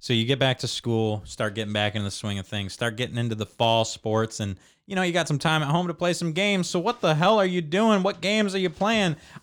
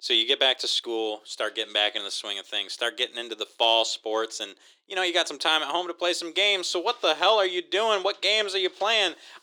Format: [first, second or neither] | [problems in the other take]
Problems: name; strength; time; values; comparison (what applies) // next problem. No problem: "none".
first | thin; very; fading below 350 Hz